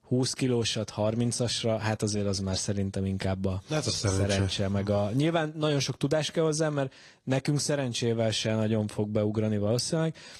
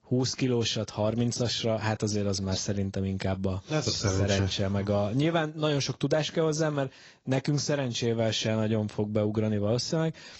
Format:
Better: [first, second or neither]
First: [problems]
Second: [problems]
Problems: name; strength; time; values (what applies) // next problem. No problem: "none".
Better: first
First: garbled, watery; slightly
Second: garbled, watery; badly; nothing above 7 kHz